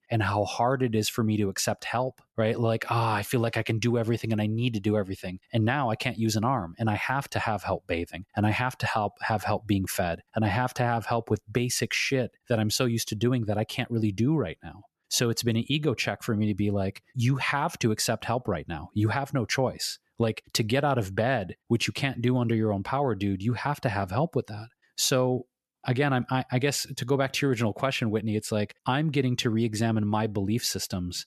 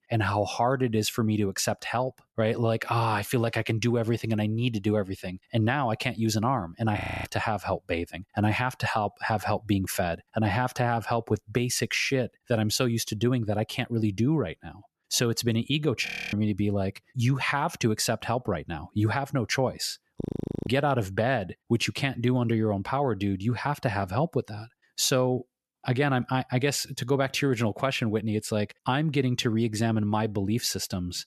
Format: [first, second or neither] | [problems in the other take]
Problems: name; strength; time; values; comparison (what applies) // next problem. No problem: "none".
first | audio freezing; at 7 s, at 16 s and at 20 s